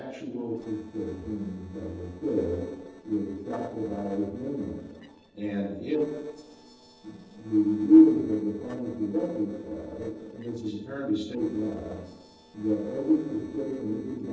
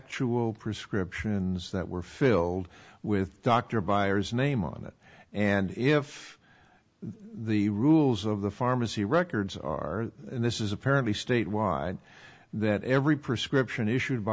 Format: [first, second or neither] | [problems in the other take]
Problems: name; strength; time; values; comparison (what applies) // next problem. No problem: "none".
second | noise reduction (neural separator model SepFormer DNS4)